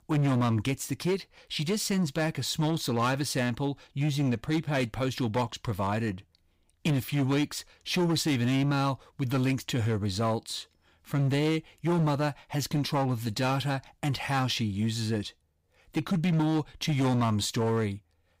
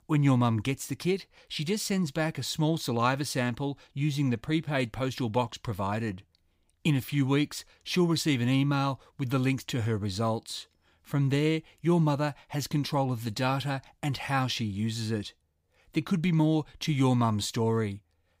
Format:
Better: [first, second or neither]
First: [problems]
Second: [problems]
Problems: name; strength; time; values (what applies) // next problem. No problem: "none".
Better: second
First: distortion; slight; 10% of the sound clipped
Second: none